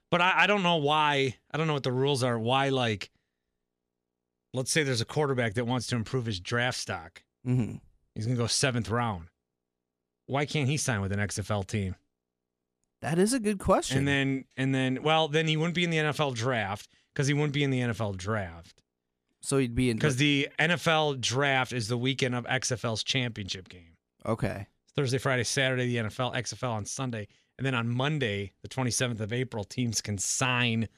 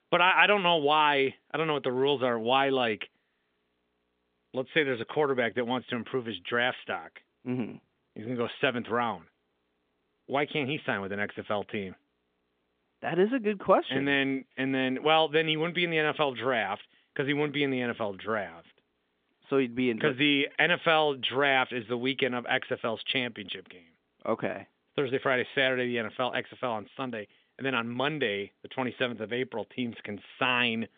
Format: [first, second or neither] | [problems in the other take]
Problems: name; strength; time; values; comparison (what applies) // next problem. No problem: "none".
first | phone-call audio; nothing above 3.5 kHz